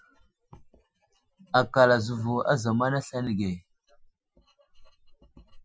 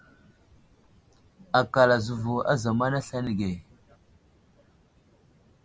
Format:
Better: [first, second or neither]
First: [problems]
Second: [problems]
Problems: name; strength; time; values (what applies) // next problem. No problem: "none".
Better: second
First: noise reduction (classical method Wiener filter)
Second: none